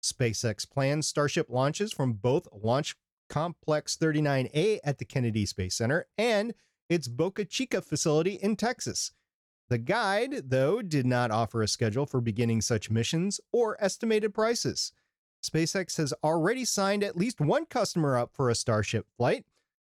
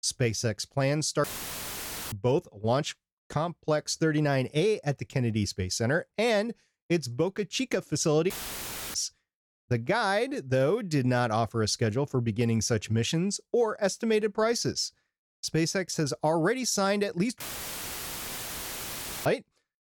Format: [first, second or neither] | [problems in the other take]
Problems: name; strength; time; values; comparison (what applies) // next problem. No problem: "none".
first | audio cutting out; filled with static; at 1 s for 1 s, at 8.5 s for 0.5 s and at 17 s for 2 s